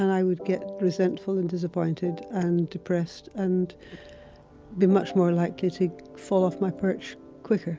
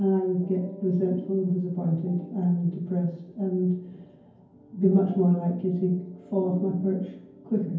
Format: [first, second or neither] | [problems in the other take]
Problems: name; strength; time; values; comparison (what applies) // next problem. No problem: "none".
first | room echo; dies away in 0.9 s